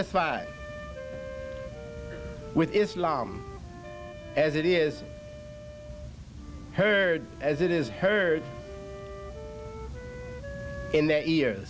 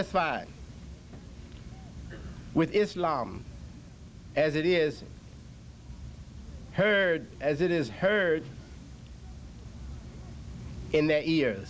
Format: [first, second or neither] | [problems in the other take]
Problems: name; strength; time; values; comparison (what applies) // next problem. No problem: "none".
second | background sound (Wind instrument, woodwind instrument + Wind instrument, woodwind instrument); 14 dB below the speech